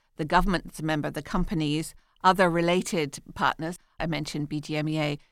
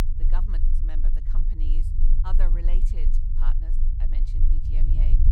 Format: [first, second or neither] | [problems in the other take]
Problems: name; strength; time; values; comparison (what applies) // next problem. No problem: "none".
first | low rumble; loud; throughout; 2 dB below the speech